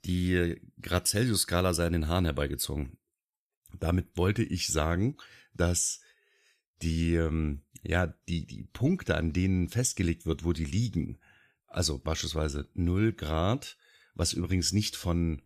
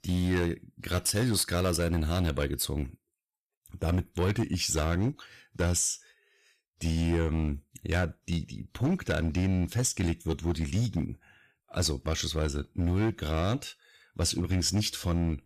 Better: first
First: none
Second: distortion; slight; 7% of the sound clipped

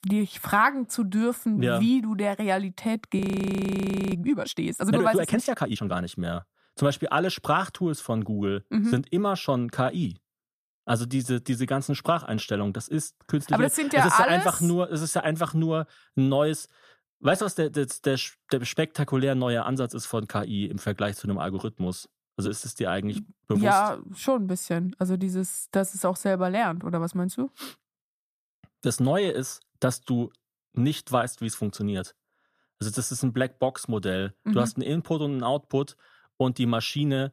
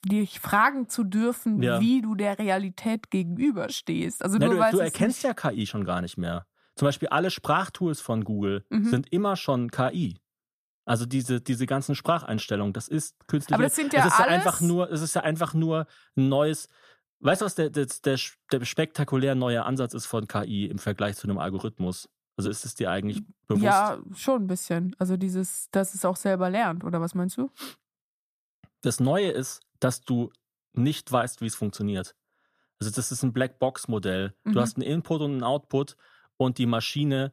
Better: second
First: audio freezing; at 3 s for 1 s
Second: none

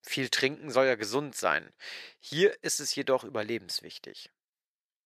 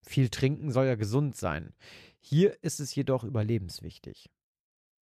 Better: second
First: thin; very; fading below 450 Hz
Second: none

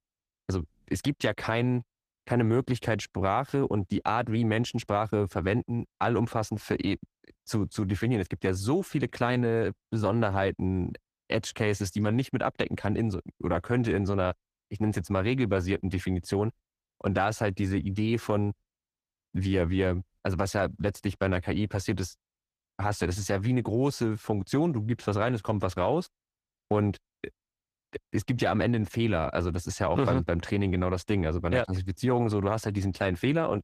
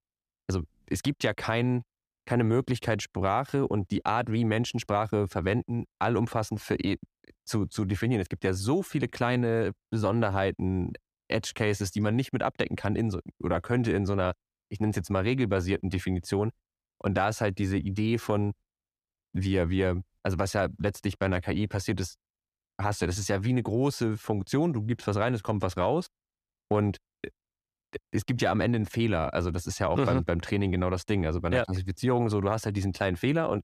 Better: second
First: garbled, watery; slightly; nothing above 14.5 kHz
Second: none

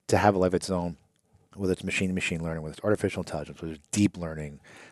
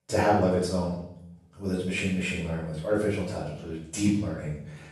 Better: first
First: none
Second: room echo; noticeable; dies away in 0.7 s // off-mic speech; far

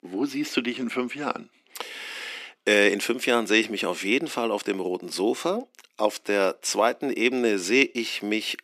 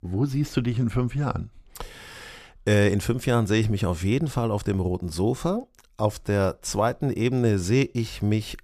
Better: second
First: thin; somewhat; fading below 250 Hz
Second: none

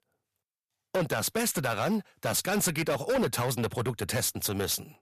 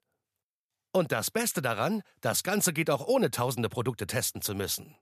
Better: second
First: distortion; heavy; 11% of the sound clipped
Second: none

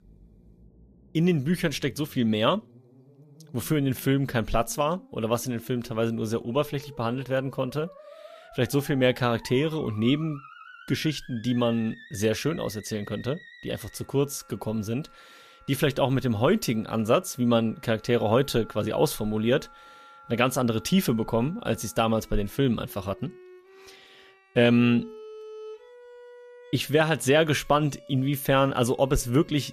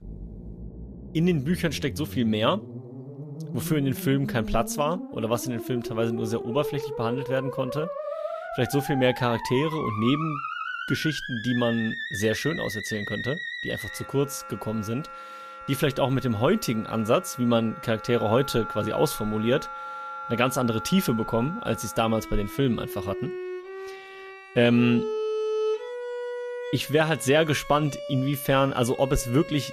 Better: first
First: background music; faint; throughout; 25 dB below the speech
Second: background music; loud; throughout; 9 dB below the speech

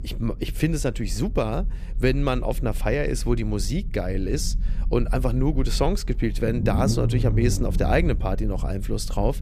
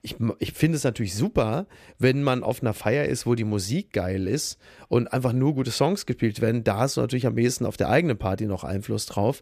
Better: second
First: low rumble; noticeable; throughout; 15 dB below the speech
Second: none

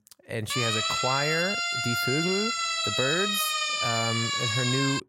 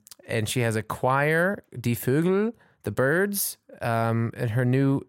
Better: second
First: siren; loud; peak 5 dB above the speech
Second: none

